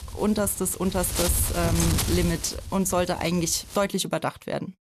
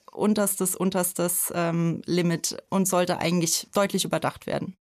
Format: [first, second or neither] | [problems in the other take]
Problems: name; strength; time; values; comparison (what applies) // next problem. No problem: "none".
second | wind noise on the microphone; heavy; until 4 s; 4 dB below the speech